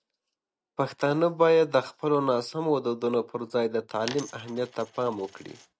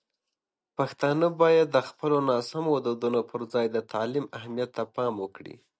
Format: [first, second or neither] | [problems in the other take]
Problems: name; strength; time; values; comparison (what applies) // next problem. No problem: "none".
second | background sound (Coin (dropping)); 17 dB below the speech